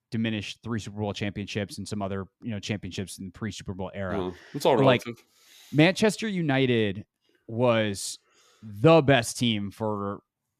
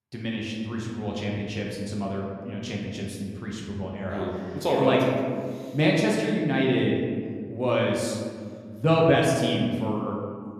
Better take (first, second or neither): first